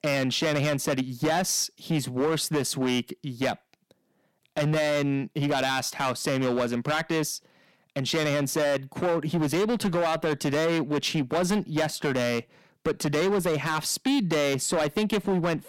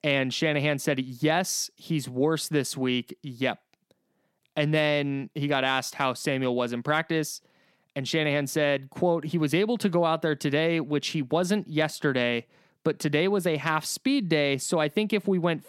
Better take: second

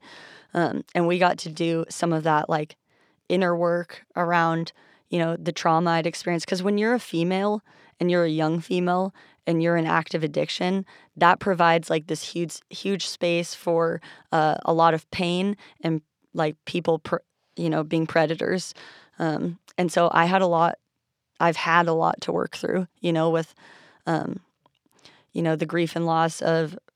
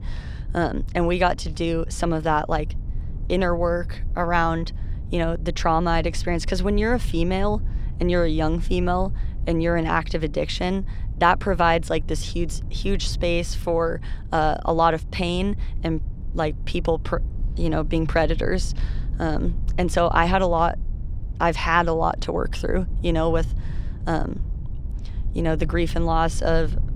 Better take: first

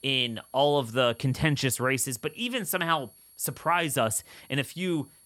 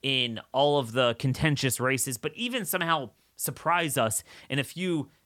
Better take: second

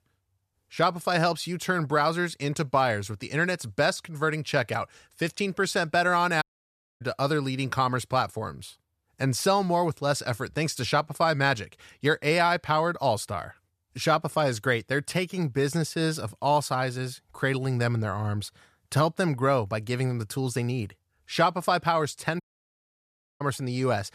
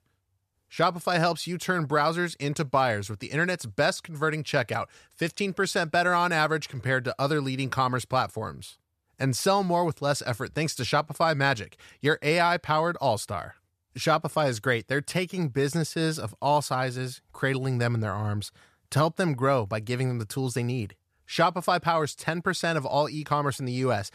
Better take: second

